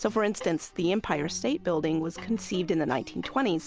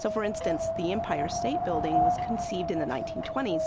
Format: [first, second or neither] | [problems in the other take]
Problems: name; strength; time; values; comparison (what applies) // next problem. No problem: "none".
first | background sound (Wind); 2 dB above the speech